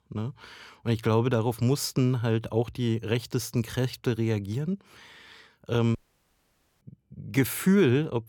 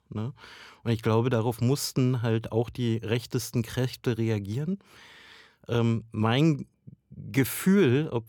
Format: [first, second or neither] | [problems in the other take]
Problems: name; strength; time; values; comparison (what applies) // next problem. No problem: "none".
second | audio cutting out; at 6 s for 1 s